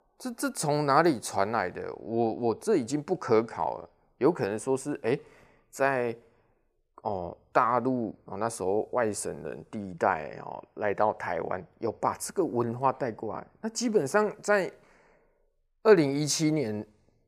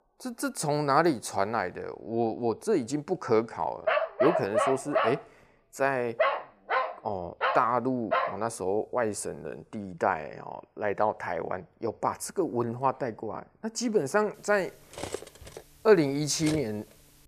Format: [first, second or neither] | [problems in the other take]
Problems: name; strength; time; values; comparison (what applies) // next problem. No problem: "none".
first | dog barking; loud; from 4 to 8.5 s; peak 2 dB above the speech // clattering dishes; noticeable; from 15 to 17 s; peak 9 dB below the speech